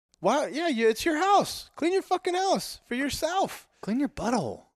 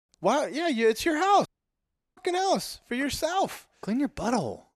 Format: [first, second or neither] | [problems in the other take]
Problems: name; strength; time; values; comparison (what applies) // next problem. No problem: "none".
first | audio cutting out; at 1.5 s for 0.5 s